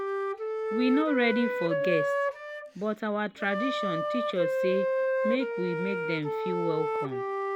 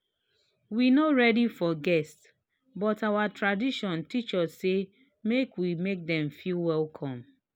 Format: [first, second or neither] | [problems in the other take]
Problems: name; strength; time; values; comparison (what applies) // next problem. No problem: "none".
second | background sound (Wind instrument, woodwind instrument); 1 dB above the speech